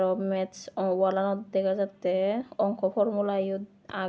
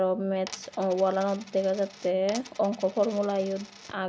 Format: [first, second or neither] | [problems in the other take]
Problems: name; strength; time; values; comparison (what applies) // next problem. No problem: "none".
first | background sound (Coin (dropping)); 18 dB below the speech